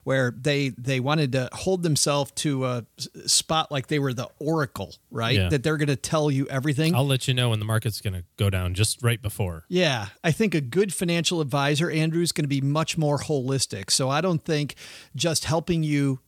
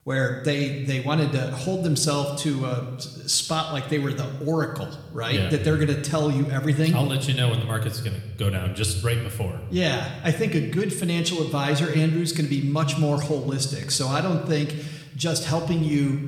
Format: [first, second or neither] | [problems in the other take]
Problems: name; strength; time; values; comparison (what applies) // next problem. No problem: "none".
first | room echo; slight; dies away in 1 s